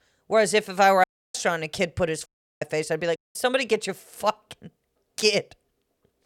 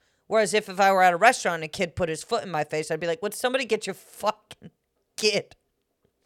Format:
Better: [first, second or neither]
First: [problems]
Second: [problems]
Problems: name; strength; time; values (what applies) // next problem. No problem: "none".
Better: second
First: audio cutting out; at 1 s, at 2.5 s and at 3 s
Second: none